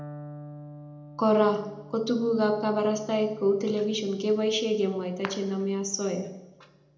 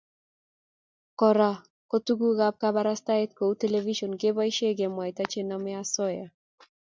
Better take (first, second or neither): second